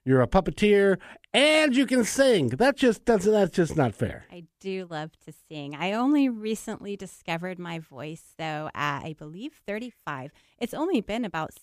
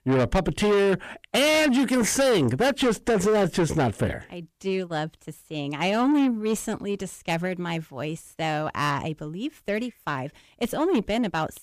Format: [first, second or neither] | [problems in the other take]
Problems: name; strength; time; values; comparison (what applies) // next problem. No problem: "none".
first | distortion; heavy; 7 dB below the speech